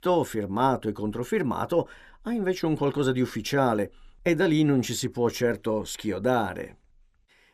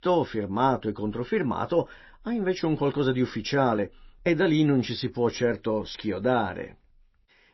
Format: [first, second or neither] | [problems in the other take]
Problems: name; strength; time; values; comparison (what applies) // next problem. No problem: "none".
first | garbled, watery; slightly; nothing above 6 kHz